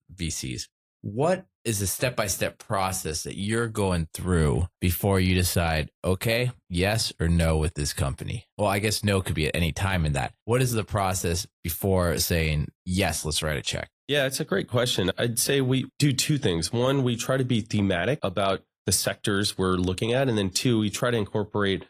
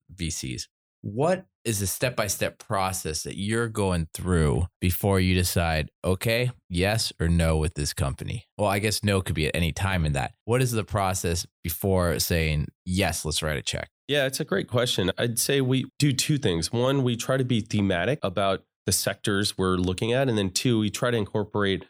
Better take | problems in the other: second | garbled, watery; slightly; nothing above 14.5 kHz

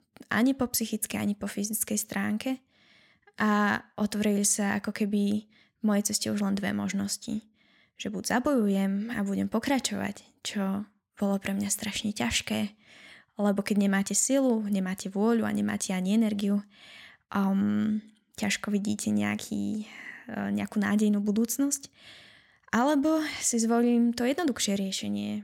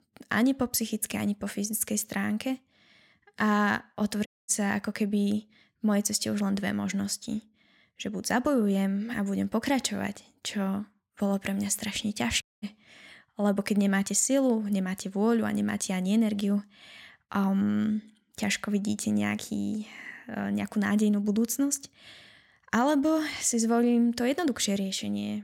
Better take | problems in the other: first | audio cutting out; at 4.5 s and at 12 s

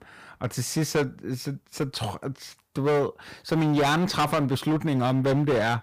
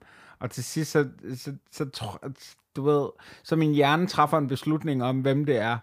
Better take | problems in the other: second | distortion; heavy; 15% of the sound clipped

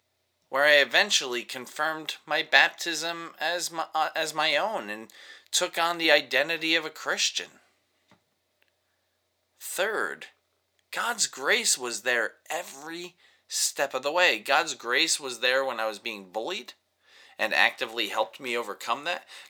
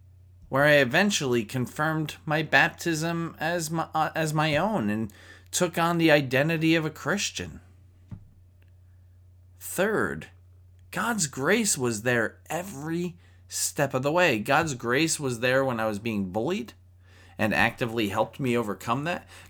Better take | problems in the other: second | thin; very; fading below 550 Hz

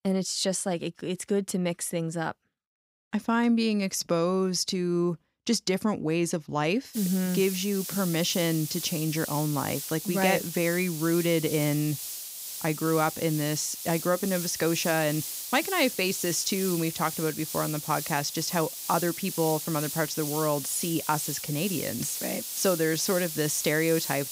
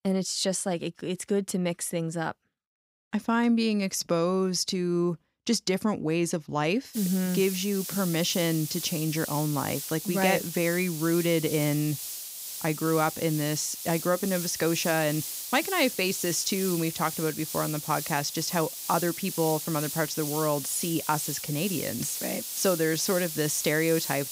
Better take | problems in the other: neither | hiss; loud; from 7 s on; 6 dB below the speech; the same in both

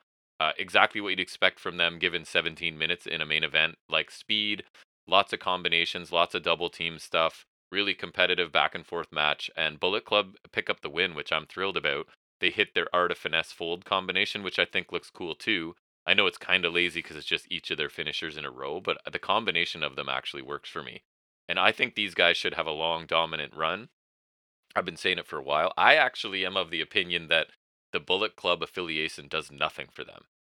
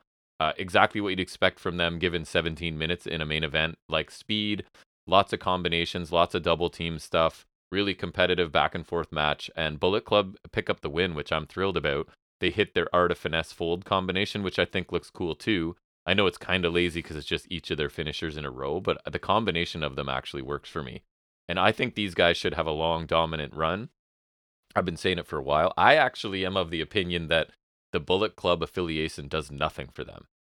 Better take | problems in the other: second | thin; very slightly; fading below 400 Hz

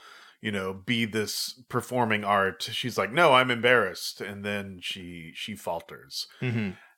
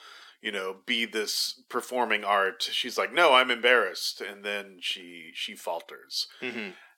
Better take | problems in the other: first | thin; somewhat; fading below 250 Hz

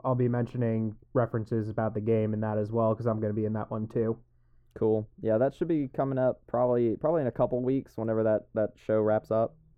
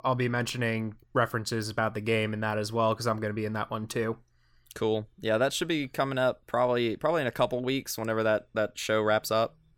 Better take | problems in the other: second | muffled; very; fading above 1.5 kHz

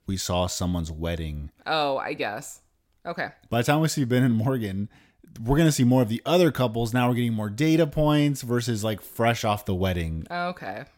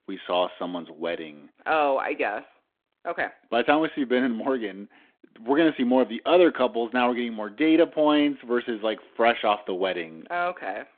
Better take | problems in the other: first | phone-call audio

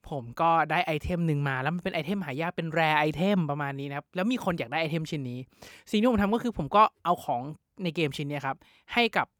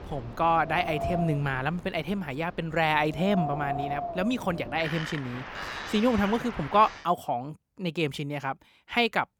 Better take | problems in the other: first | wind in the background; loud; until 7 s; 8 dB below the speech

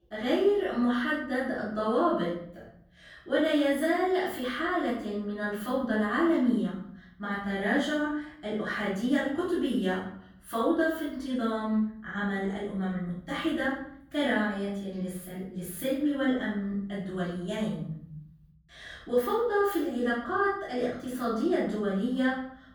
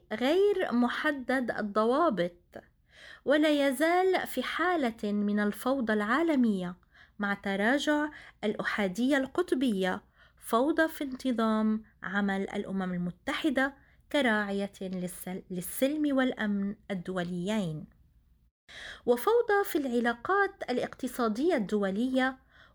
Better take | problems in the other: second | off-mic speech; far // room echo; noticeable; dies away in 0.9 s

